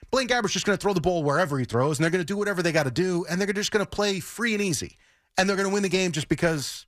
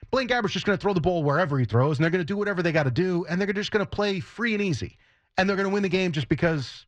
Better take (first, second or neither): first